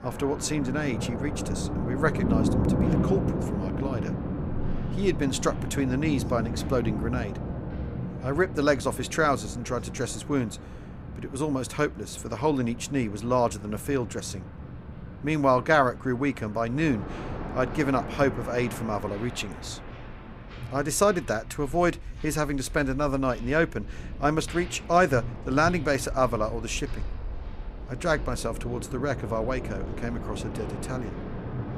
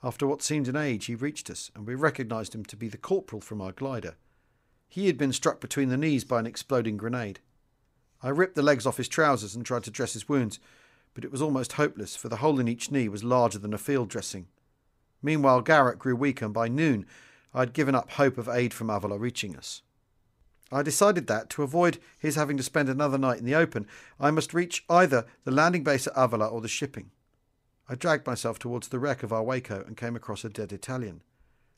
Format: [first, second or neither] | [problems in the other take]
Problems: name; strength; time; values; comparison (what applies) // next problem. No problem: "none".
second | rain or running water; loud; throughout; 7 dB below the speech